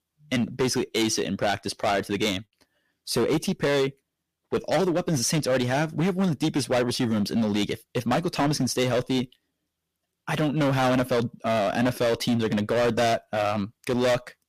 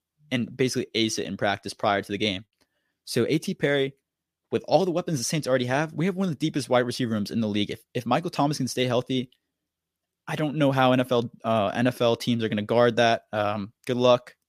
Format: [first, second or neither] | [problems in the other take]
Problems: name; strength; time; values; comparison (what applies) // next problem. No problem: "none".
second | distortion; heavy; 13% of the sound clipped